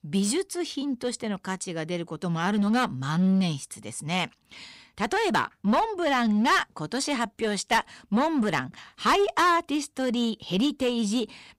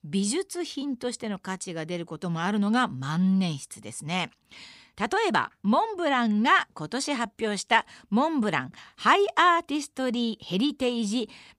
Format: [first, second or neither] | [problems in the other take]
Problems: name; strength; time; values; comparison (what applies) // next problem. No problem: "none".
second | distortion; slight; 6% of the sound clipped